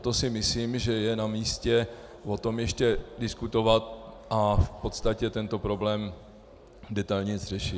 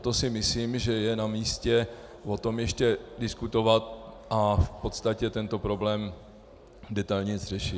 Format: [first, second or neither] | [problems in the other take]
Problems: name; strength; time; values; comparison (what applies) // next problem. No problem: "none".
second | background sound (Walk, footsteps); 11 dB below the speech